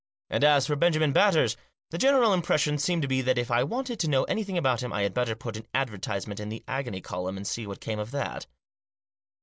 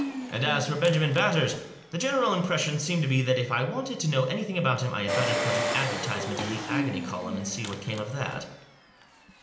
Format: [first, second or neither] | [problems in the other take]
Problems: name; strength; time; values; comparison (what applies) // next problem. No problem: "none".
first | background sound (Engine); 7 dB below the speech // room echo; dies away in 0.8 s